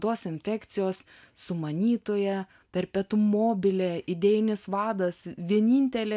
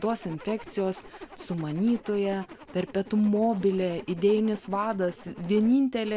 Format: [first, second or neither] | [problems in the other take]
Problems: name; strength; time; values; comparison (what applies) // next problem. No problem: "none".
first | background sound (Zipper (clothing)); 19 dB below the speech